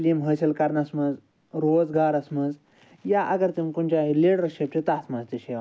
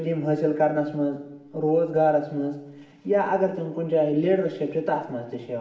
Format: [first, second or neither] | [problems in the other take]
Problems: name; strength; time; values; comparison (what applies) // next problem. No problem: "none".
first | room echo; dies away in 0.8 s